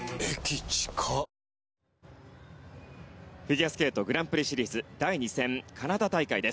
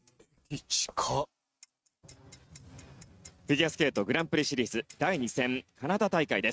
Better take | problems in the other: first | noise reduction (neural mask model RNNoise)

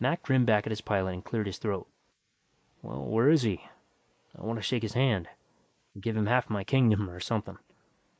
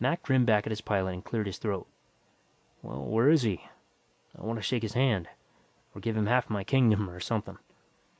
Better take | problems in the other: second | noise reduction (neural mask model Resemble Enhance denoiser)

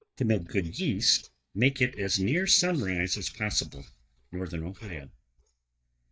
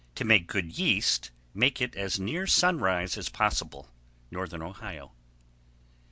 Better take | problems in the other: second | noise reduction (neural mask model DeepFilterNet 3)

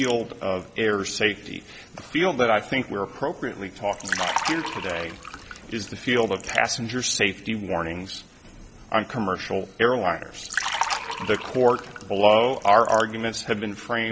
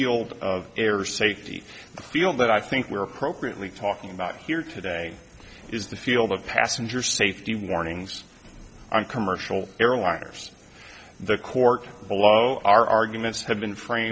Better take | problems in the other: second | background sound (Liquid); 11 dB below the speech

